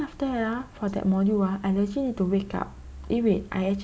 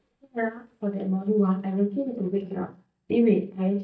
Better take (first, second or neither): first